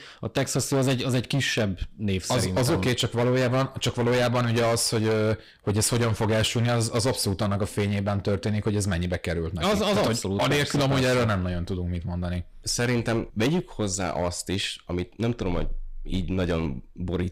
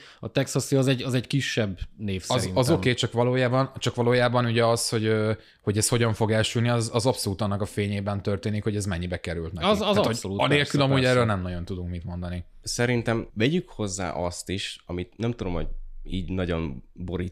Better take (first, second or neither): second